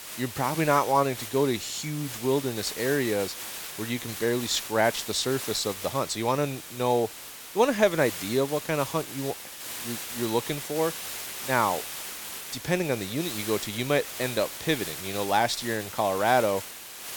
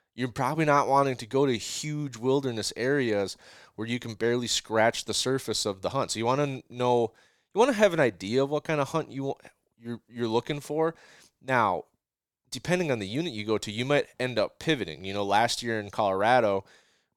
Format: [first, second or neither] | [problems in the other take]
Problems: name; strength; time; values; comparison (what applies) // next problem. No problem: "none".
second | hiss; loud; throughout; 8 dB below the speech